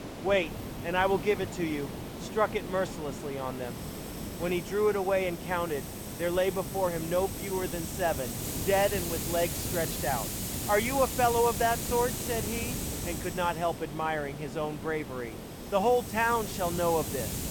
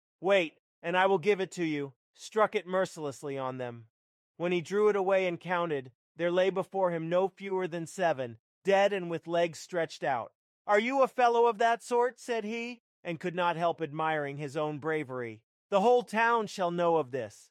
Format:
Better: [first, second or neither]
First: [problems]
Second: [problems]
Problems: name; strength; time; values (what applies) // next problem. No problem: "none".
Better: second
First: hiss; loud; throughout; 6 dB below the speech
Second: none